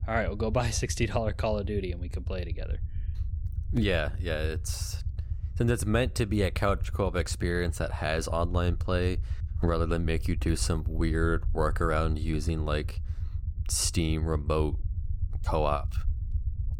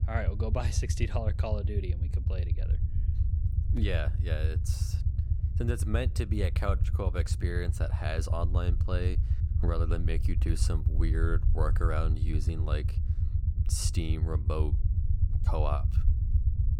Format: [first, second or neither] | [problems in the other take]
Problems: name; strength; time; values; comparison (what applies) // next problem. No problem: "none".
first | low rumble; loud; throughout; 9 dB below the speech; faint in the first